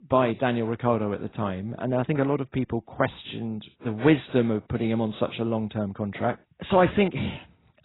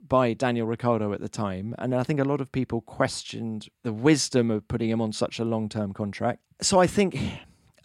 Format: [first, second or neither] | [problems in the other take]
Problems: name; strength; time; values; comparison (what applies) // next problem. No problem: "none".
second | garbled, watery; badly; nothing above 4 kHz